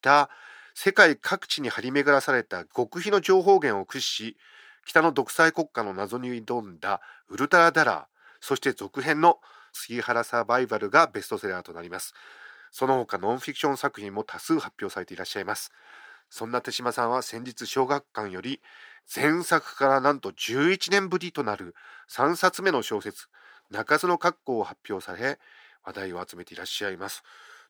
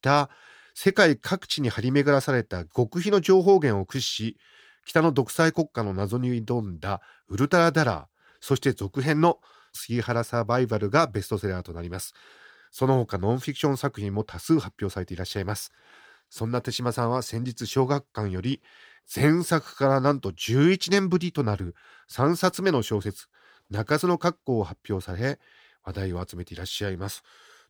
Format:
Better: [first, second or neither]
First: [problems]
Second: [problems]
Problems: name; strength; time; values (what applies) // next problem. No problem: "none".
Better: second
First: thin; somewhat; fading below 300 Hz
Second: none